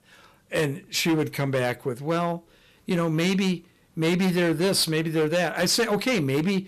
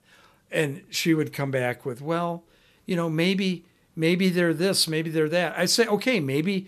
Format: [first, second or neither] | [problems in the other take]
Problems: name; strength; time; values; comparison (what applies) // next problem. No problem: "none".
second | distortion; slight; 11% of the sound clipped